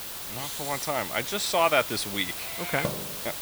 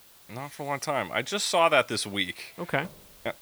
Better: second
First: hiss; loud; throughout; 4 dB below the speech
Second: hiss; faint; throughout; 25 dB below the speech

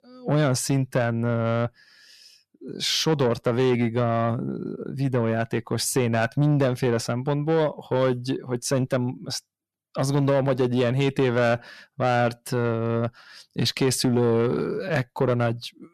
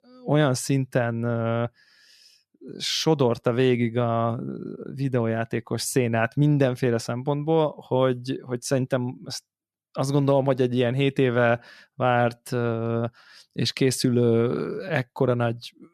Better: second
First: distortion; slight; 10 dB below the speech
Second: none

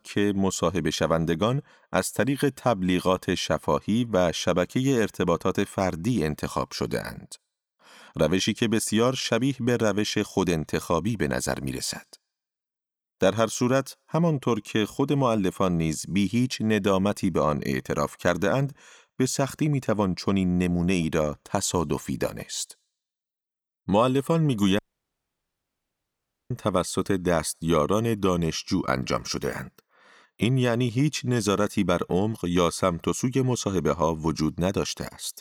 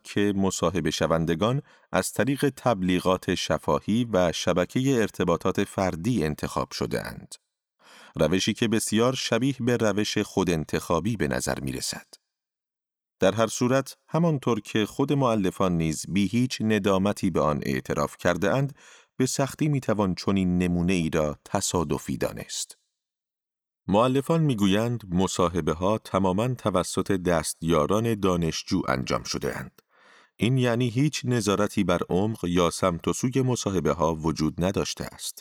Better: second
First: audio cutting out; at 25 s for 1.5 s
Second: none

